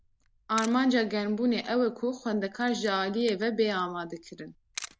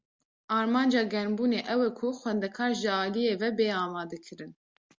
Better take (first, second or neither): second